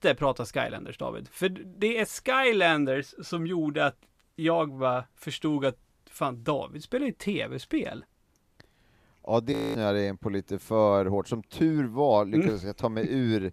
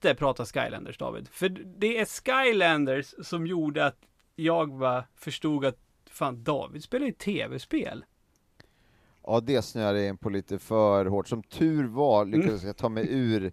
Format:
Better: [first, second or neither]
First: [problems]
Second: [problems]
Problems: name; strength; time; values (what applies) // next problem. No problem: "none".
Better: second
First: audio freezing; at 9.5 s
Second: none